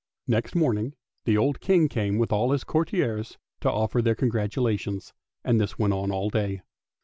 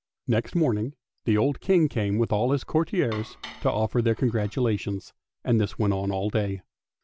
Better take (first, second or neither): first